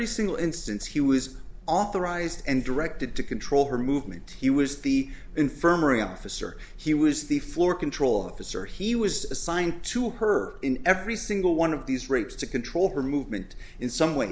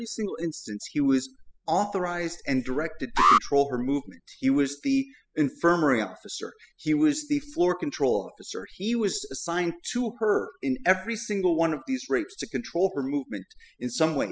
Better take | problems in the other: first | noise reduction (classical method spectral subtraction)

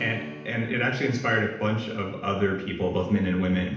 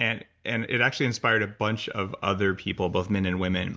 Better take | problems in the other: second | background sound (Strum); 19 dB below the speech // room echo; dies away in 0.8 s

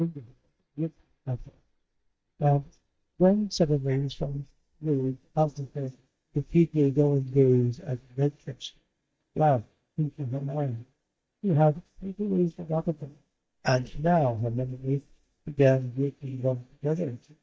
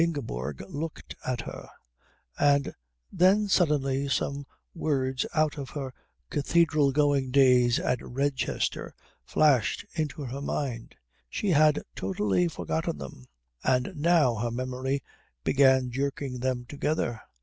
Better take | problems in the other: second | noise reduction (neural mask model DeepFilterNet 3)

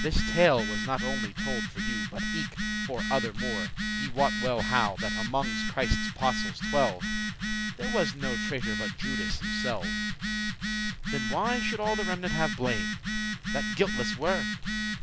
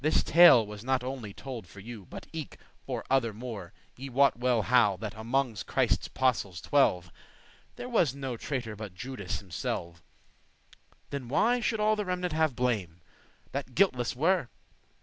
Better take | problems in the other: second | background sound (Telephone); as loud as the speech

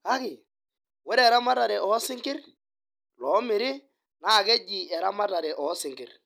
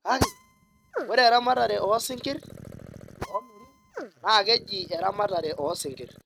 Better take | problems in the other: first | noise reduction (neural mask model RNNoise)

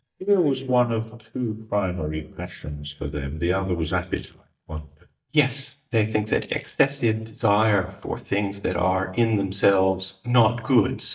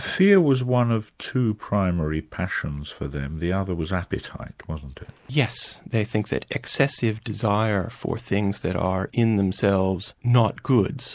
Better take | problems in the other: second | noise reduction (neural mask model DeepFilterNet 3)

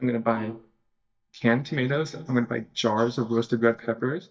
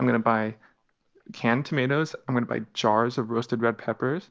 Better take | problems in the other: second | noise reduction (neural mask model DeepFilterNet 3)

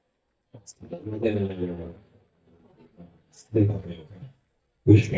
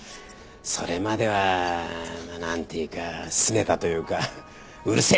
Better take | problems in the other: second | noise reduction (neural mask model DeepFilterNet 3)

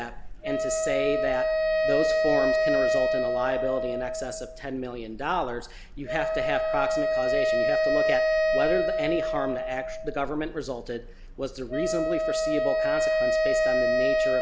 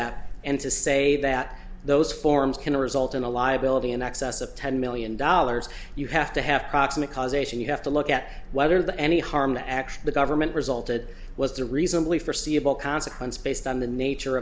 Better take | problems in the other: second | background sound (Wind instrument, woodwind instrument); 5 dB above the speech

